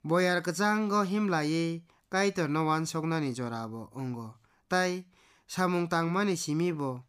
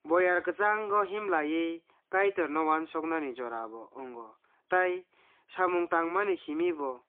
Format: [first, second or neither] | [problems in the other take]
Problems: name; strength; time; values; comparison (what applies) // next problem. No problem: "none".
first | phone-call audio; poor line